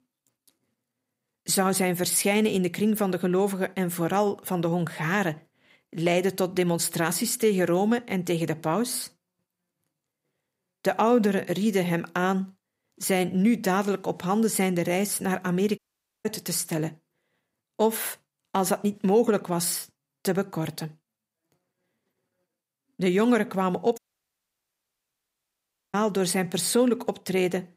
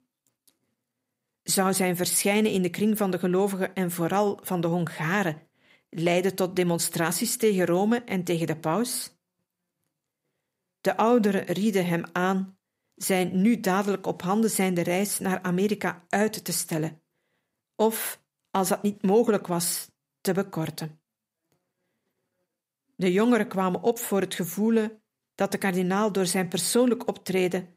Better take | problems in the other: second | audio cutting out; at 16 s and at 24 s for 2 s

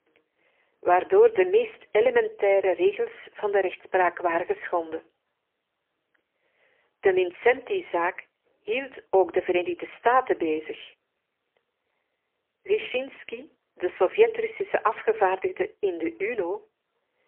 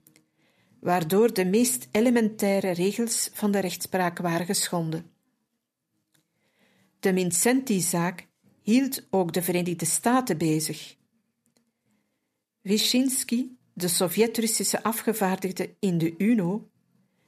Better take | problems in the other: second | phone-call audio; poor line; nothing above 3 kHz

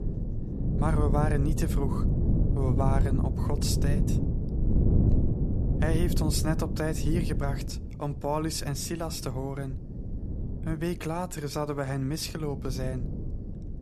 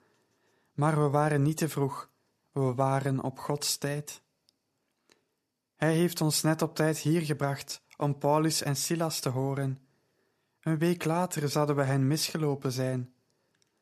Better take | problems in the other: second | wind noise on the microphone; heavy; 6 dB below the speech

